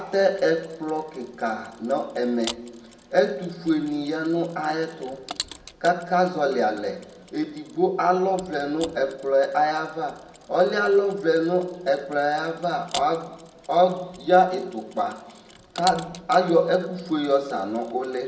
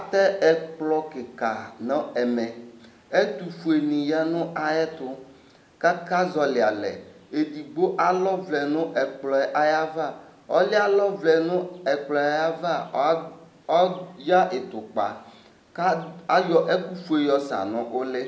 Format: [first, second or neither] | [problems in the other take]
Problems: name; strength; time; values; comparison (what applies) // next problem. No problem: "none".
second | background sound (Mechanisms); 20 dB below the speech // room echo; dies away in 1.3 s